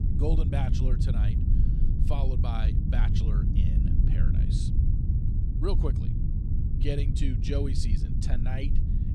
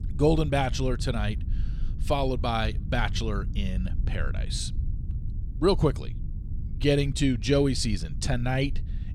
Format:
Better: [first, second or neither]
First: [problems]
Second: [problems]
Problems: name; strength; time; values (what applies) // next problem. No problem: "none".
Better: second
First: low rumble; loud; throughout; 2 dB below the speech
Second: low rumble; faint; throughout; 20 dB below the speech